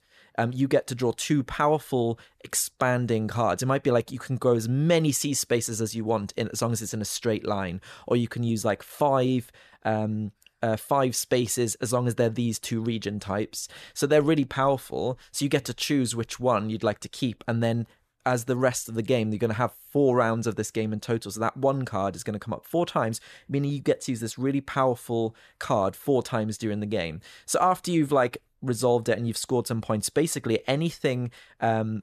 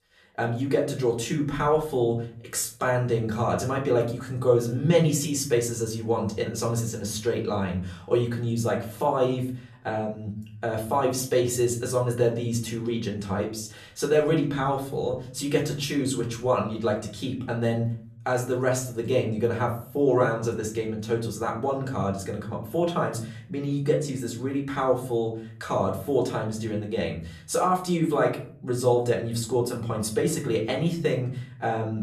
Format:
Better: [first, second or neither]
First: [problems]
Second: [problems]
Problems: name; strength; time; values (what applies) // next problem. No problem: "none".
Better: first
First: none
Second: room echo; slight; dies away in 0.7 s // off-mic speech; far